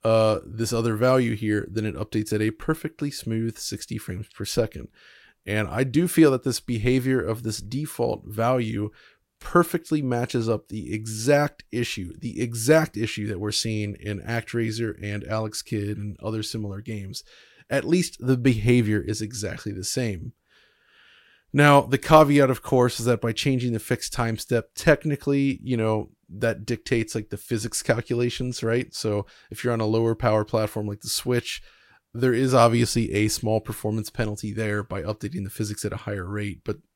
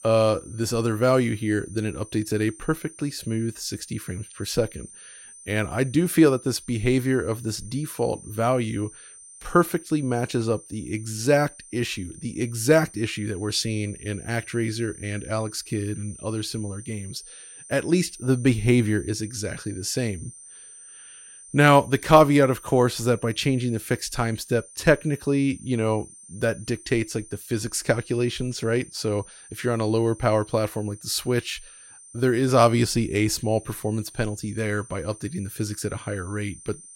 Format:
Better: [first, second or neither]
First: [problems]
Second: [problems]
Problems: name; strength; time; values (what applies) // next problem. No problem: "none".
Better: first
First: none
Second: high-pitched whine; noticeable; throughout; 9 kHz, 20 dB below the speech